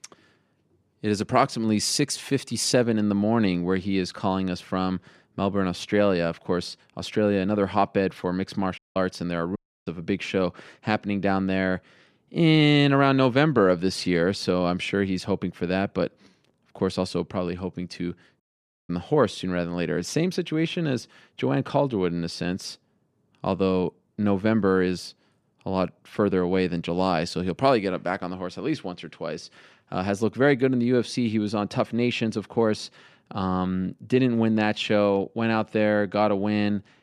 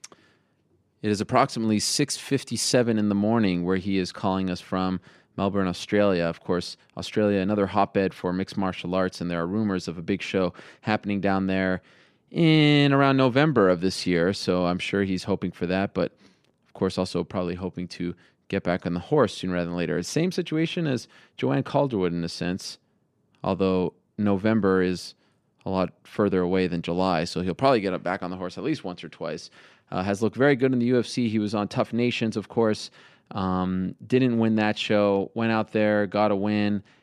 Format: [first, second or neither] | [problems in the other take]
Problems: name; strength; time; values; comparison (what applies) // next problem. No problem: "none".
second | audio cutting out; at 9 s, at 9.5 s and at 18 s